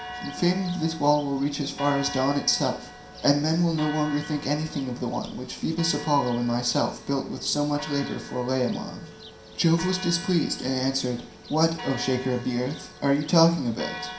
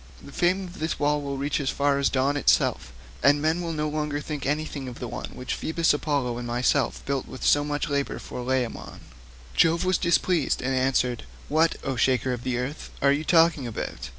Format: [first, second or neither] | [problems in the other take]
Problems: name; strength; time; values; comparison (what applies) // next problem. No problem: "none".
second | background sound (Church bell); 15 dB below the speech // room echo; dies away in 0.5 s